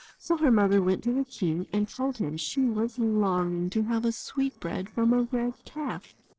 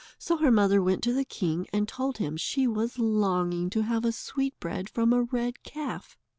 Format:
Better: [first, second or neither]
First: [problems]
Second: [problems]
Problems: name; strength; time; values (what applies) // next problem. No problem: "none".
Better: second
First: noise reduction (neural separator model SepFormer DNS4)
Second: none